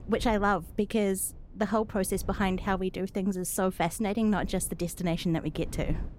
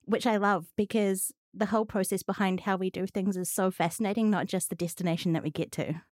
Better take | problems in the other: second | low rumble; faint; throughout; 25 dB below the speech

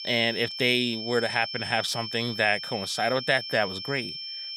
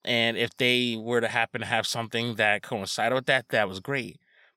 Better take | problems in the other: second | high-pitched whine; loud; throughout; 5.5 kHz, 7 dB below the speech

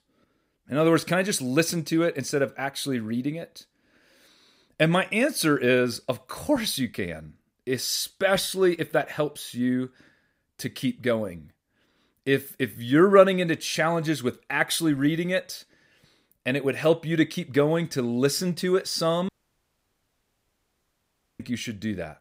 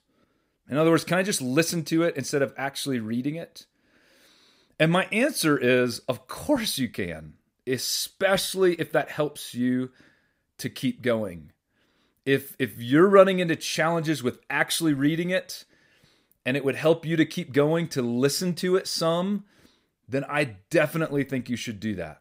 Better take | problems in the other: second | audio cutting out; at 19 s for 2 s

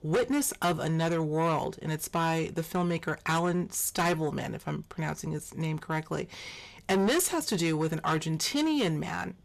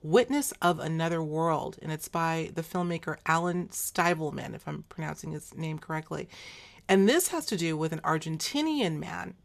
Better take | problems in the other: second | distortion; heavy; 8 dB below the speech

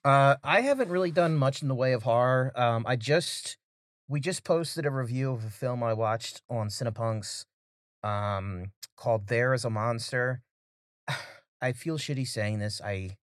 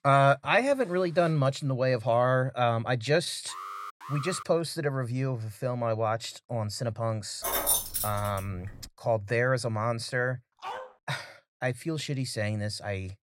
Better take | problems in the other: first | alarm; noticeable; at 3.5 s; peak 10 dB below the speech // jangling keys; loud; from 7.5 to 8.5 s; peak 4 dB above the speech // dog barking; faint; at 11 s; peak 10 dB below the speech

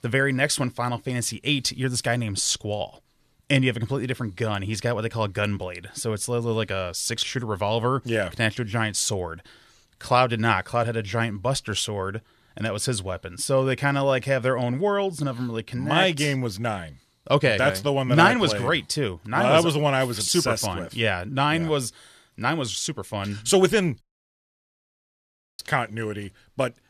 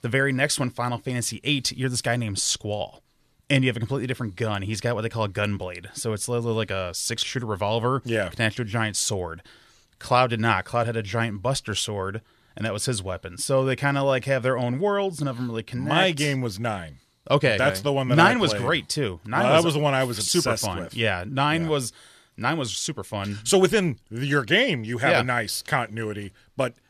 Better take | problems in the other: second | audio cutting out; at 24 s for 1.5 s

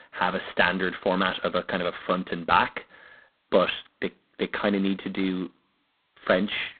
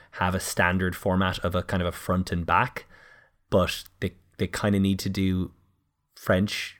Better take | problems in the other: second | phone-call audio; poor line; nothing above 4 kHz

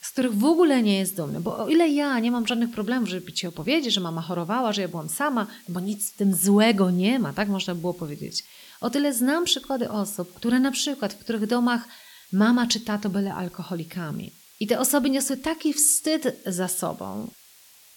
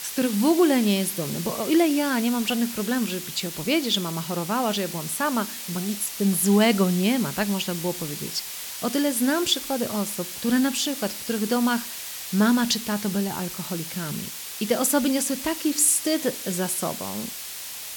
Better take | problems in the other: first | hiss; loud; throughout; 8 dB below the speech; faint in the first

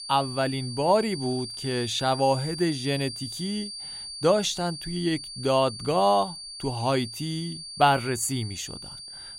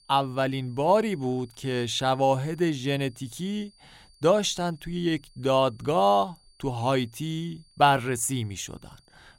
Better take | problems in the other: second | high-pitched whine; loud; throughout; 4.5 kHz, 9 dB below the speech; faint in the second

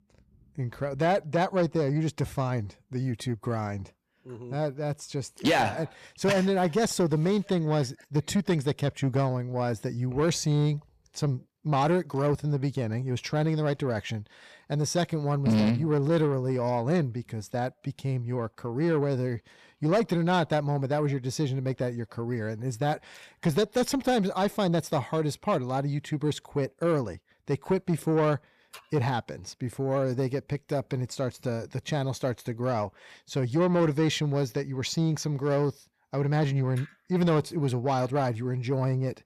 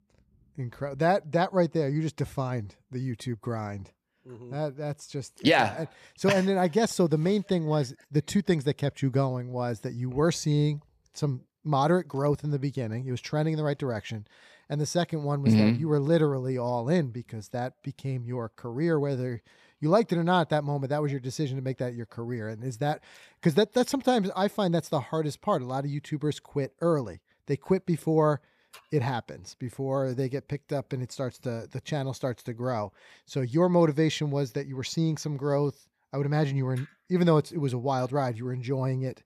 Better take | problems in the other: second | distortion; slight; 10 dB below the speech

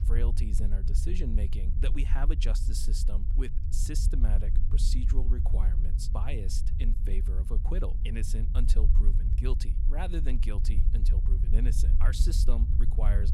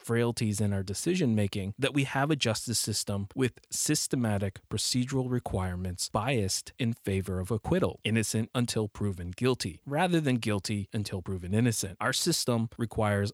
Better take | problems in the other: second | low rumble; loud; throughout; 7 dB below the speech

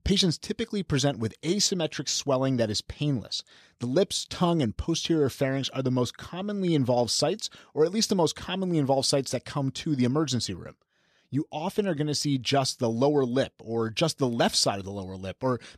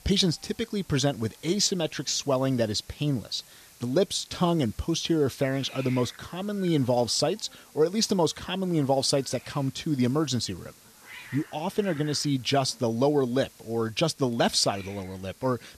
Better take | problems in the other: first | hiss; faint; throughout; 20 dB below the speech

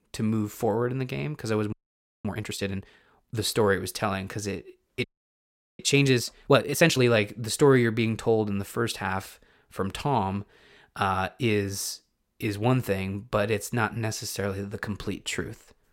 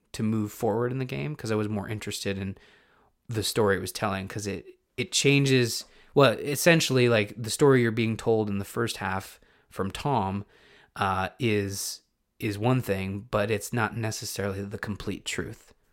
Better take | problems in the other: second | audio freezing; at 1.5 s for 0.5 s and at 5 s for 1 s

